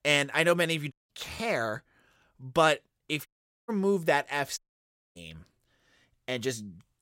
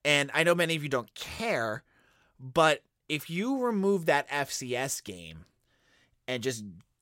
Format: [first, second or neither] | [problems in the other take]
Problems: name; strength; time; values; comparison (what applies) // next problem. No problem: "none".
second | audio cutting out; at 1 s, at 3.5 s and at 4.5 s for 0.5 s